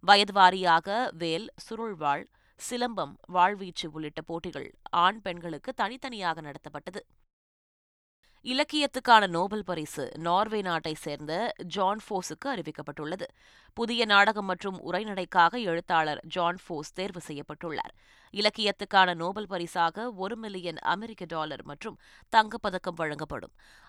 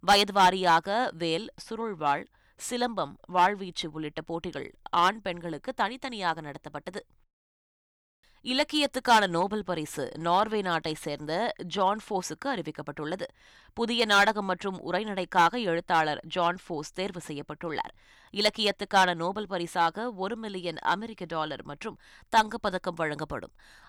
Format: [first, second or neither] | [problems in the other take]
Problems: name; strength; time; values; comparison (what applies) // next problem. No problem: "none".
first | distortion; slight; 1.2% of the sound clipped